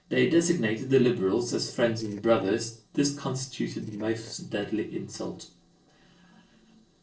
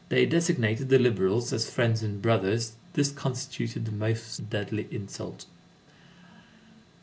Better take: second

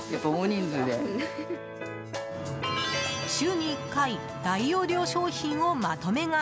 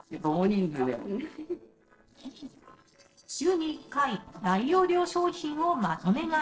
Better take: first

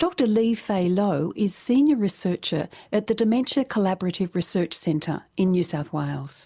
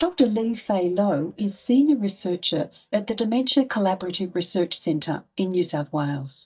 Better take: first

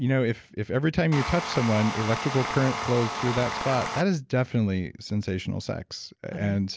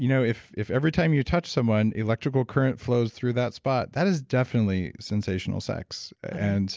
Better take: second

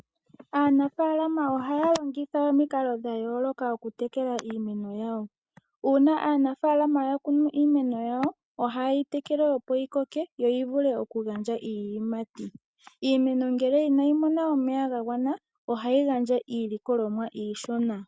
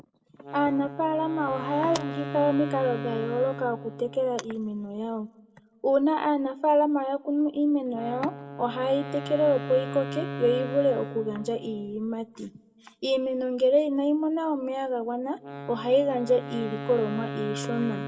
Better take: first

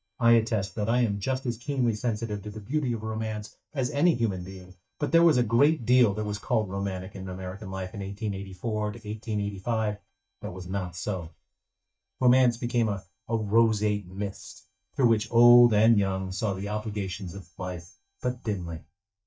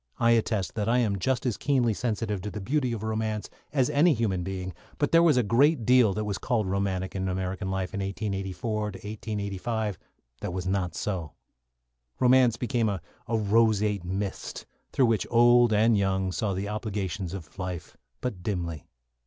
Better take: second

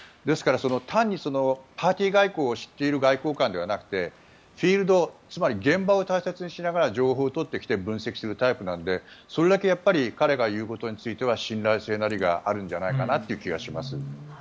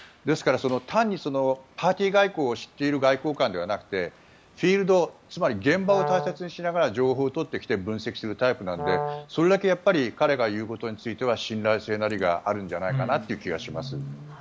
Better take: first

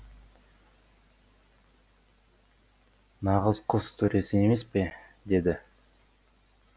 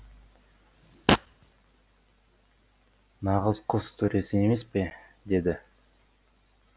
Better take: first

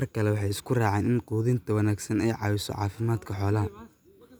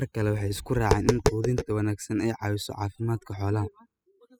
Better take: first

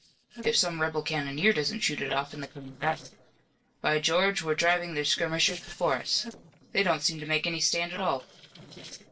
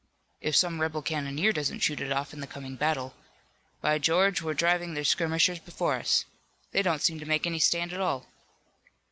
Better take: second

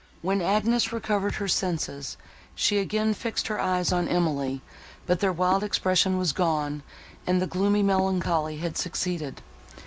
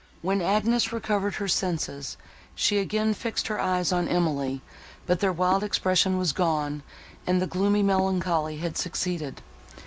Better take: second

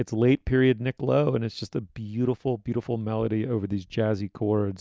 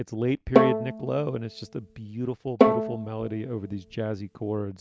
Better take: first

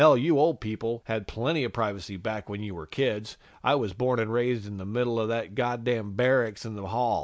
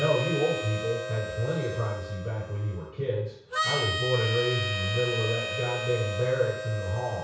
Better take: first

